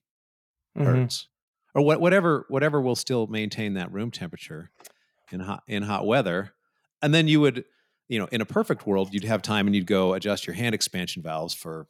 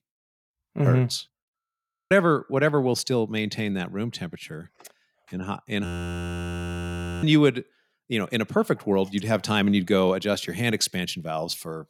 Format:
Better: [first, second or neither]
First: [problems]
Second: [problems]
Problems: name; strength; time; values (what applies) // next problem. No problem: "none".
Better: first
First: none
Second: audio freezing; at 1.5 s for 0.5 s and at 6 s for 1.5 s